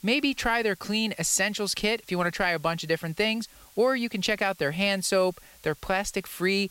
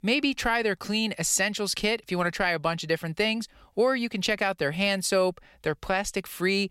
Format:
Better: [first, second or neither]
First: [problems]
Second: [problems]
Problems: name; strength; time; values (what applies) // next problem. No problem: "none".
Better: second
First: hiss; faint; throughout; 25 dB below the speech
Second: none